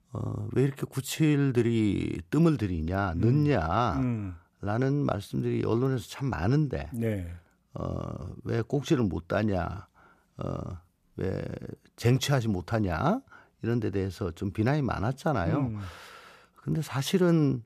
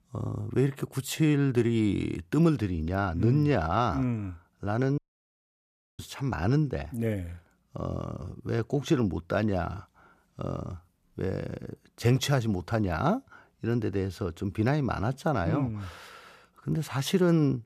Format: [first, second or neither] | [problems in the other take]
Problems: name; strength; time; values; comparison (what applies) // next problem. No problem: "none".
first | audio cutting out; at 5 s for 1 s